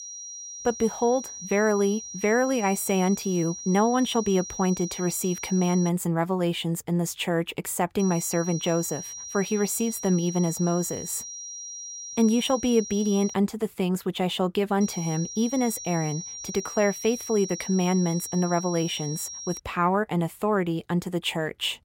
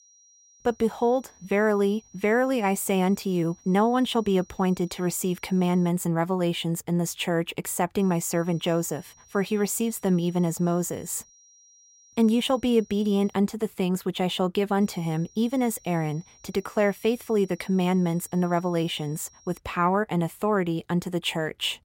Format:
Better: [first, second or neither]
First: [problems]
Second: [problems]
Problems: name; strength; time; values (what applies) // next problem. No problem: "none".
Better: second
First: high-pitched whine; loud; until 6 s, from 8 to 13 s and from 15 to 20 s; 5.5 kHz, 9 dB below the speech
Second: high-pitched whine; faint; until 6 s, from 8 to 13 s and from 15 to 20 s; 5.5 kHz, 30 dB below the speech